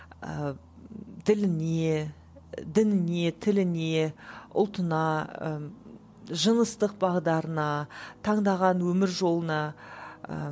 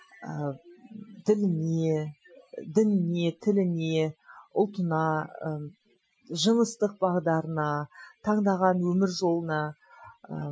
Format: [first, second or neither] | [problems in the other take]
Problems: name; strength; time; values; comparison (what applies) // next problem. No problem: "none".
first | noise reduction (classical method Wiener filter)